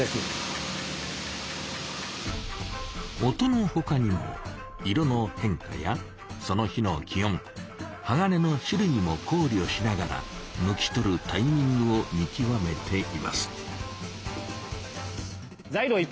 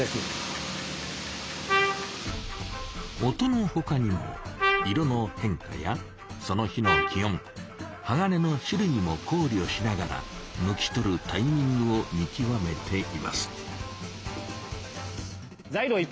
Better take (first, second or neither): first